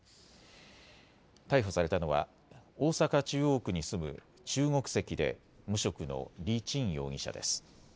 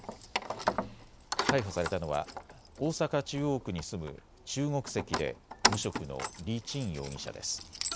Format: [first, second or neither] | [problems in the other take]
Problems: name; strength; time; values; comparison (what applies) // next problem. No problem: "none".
first | background sound (Keys jangling); 2 dB below the speech